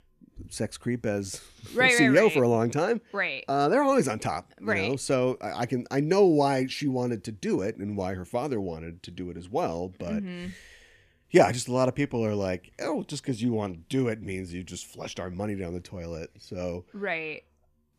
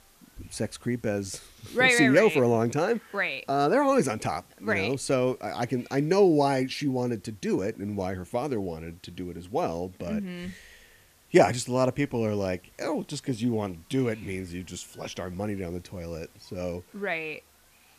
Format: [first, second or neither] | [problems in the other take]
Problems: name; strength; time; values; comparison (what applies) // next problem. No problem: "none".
first | hiss; faint; throughout; 30 dB below the speech